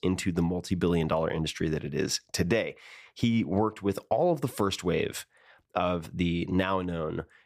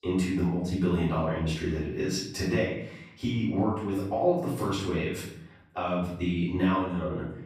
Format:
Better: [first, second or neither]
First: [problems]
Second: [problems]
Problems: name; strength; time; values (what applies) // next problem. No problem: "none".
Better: first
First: none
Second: off-mic speech; far // room echo; noticeable; dies away in 0.7 s